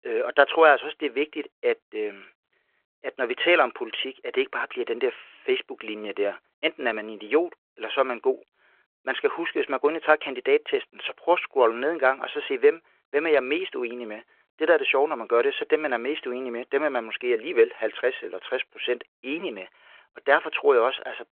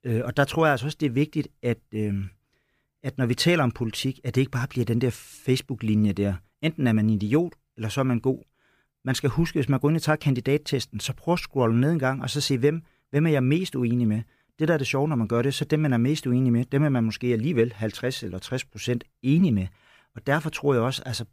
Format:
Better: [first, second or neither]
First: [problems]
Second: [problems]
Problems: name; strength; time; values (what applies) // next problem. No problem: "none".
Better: second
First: phone-call audio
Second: none